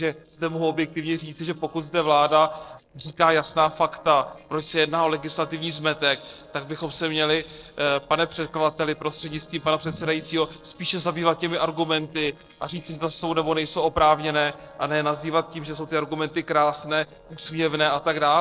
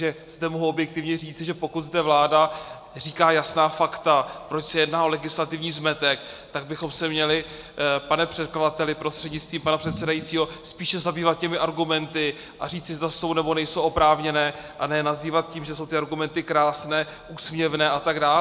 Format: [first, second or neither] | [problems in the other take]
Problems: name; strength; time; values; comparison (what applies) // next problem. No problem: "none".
second | noise reduction (neural separator model SepFormer DNS4)